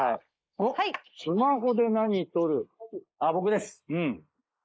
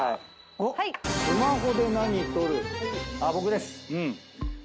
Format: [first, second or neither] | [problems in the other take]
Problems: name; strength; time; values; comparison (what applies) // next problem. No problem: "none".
second | noise reduction (neural mask model Resemble Enhance denoiser)